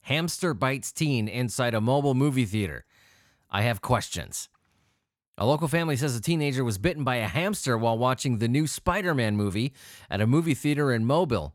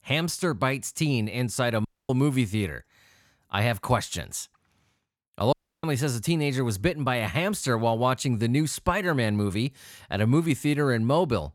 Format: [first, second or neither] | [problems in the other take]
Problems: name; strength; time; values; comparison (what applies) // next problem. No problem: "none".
first | audio cutting out; at 2 s and at 5.5 s